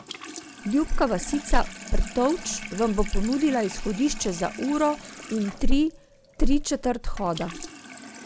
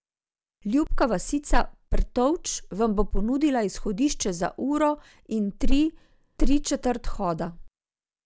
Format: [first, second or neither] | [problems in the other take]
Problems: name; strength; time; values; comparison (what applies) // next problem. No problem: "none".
second | background sound (Sink (filling or washing) / Water tap, faucet); 16 dB below the speech